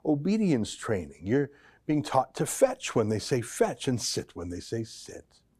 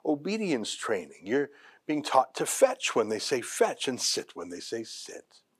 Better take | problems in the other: first | thin; very slightly; fading below 350 Hz

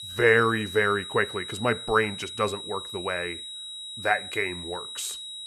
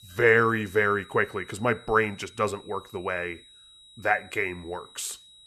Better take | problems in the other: second | high-pitched whine; loud; throughout; 4 kHz, 9 dB below the speech; faint in the second

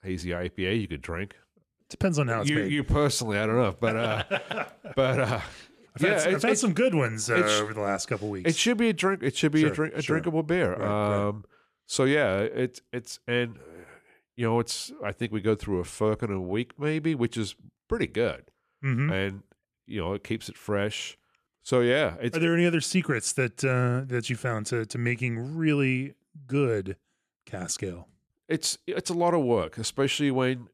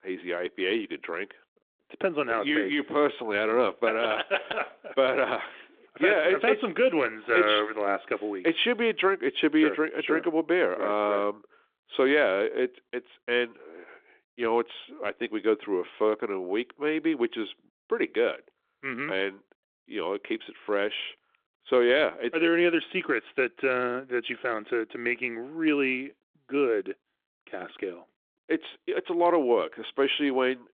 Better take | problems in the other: first | phone-call audio; nothing above 3.5 kHz

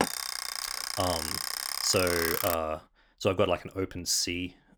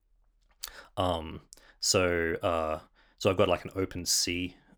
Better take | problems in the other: second | alarm; loud; until 2.5 s; peak level with the speech

